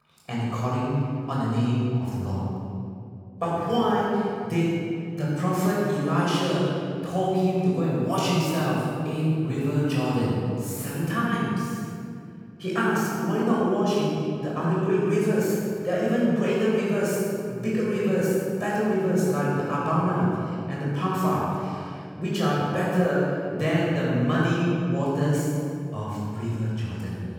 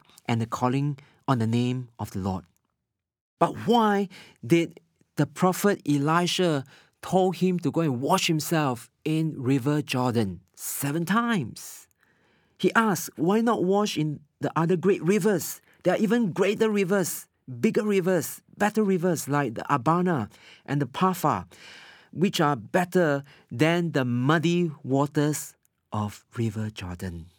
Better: second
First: off-mic speech; far // room echo; strong; dies away in 2.3 s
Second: none

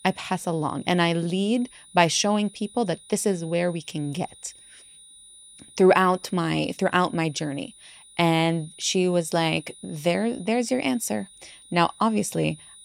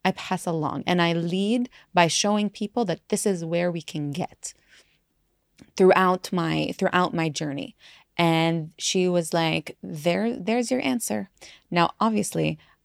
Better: second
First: high-pitched whine; faint; throughout; 9.5 kHz, 20 dB below the speech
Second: none

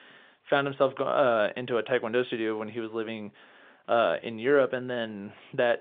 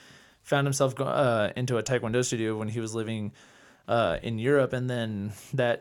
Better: second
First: phone-call audio; nothing above 3.5 kHz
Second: none

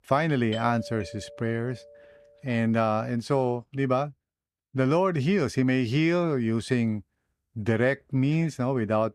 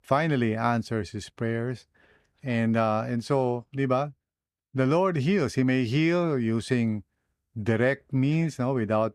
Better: second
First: doorbell; faint; from 0.5 to 2 s; peak 10 dB below the speech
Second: none

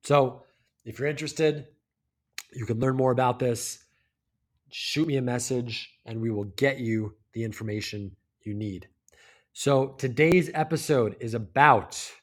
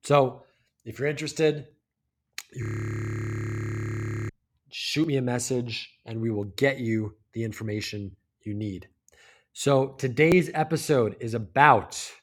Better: first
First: none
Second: audio freezing; at 2.5 s for 1.5 s

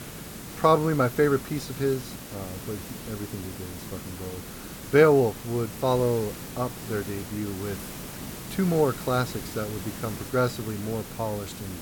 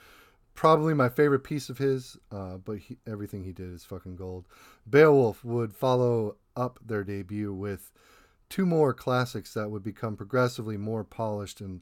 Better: second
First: hiss; noticeable; throughout; 10 dB below the speech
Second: none

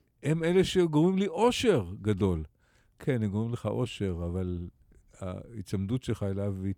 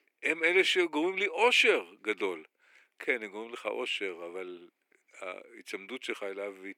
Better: first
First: none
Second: thin; very; fading below 300 Hz

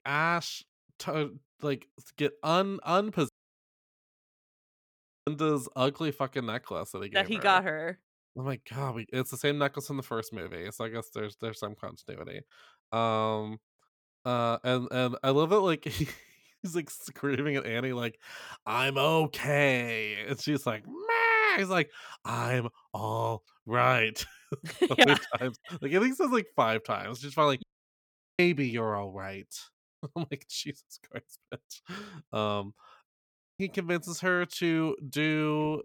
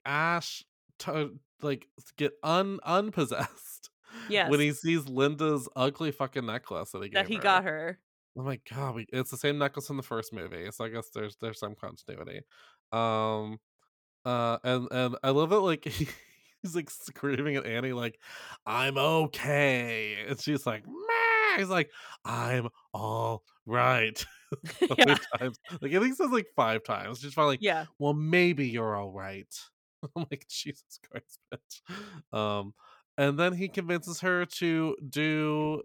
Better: second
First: audio cutting out; at 3.5 s for 2 s, at 28 s for 1 s and at 33 s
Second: none

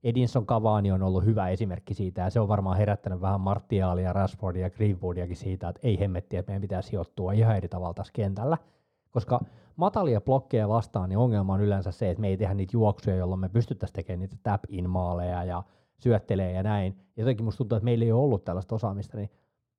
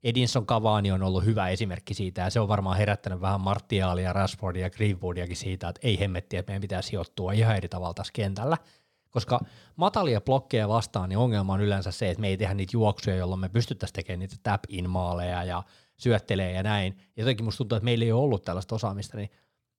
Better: second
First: muffled; slightly; fading above 1.5 kHz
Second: none

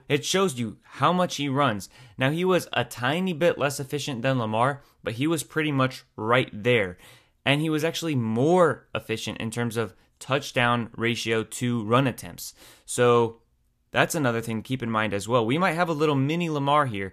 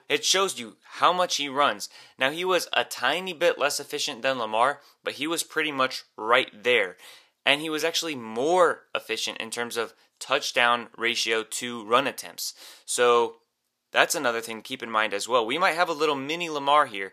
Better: first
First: none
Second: thin; somewhat; fading below 450 Hz

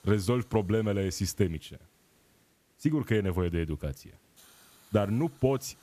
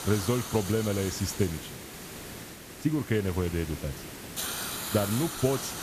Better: first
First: hiss; faint; throughout; 30 dB below the speech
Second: hiss; loud; throughout; 7 dB below the speech

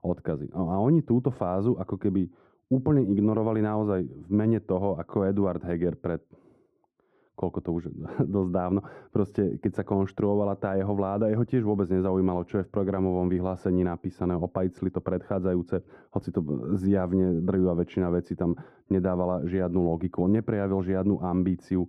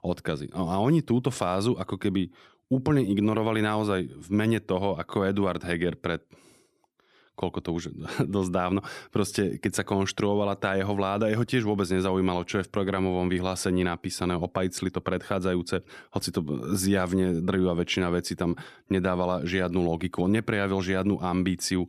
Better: second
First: muffled; very; fading above 2 kHz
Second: none

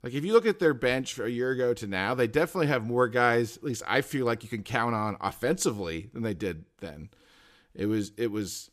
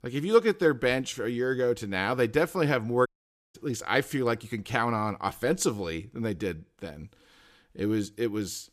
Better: first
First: none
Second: audio cutting out; at 3 s

